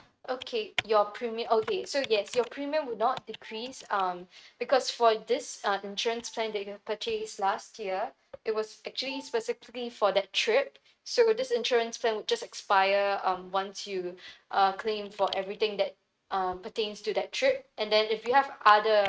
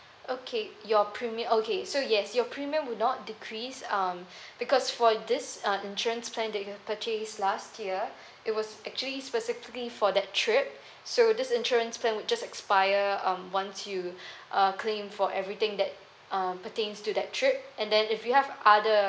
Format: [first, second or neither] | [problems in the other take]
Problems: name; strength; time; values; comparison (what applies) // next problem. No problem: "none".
second | noise reduction (neural mask model RNNoise)